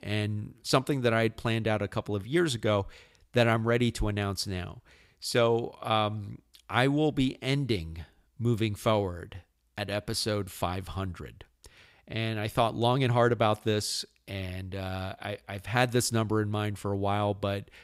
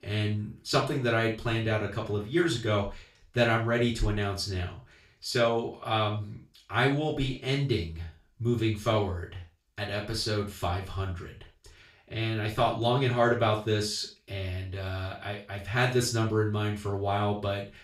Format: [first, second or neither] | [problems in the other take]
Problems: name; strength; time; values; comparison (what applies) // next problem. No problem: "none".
first | room echo; slight; dies away in 0.3 s // off-mic speech; far